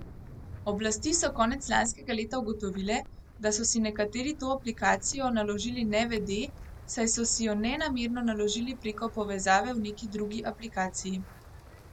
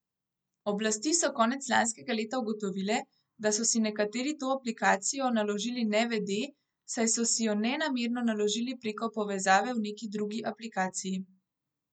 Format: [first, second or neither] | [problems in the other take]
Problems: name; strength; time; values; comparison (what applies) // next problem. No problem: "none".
second | background sound (Wind); 15 dB below the speech